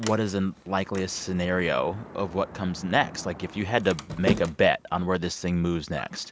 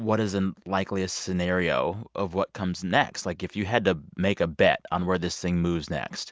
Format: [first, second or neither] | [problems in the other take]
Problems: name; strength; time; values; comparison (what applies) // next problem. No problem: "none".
second | background sound (Sliding door); 11 dB below the speech